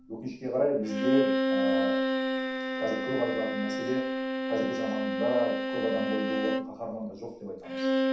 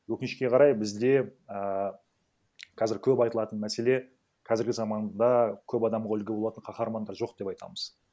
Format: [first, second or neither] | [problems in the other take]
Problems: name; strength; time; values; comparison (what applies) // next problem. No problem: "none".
second | background sound (Bowed string instrument); 2 dB above the speech // room echo; dies away in 0.7 s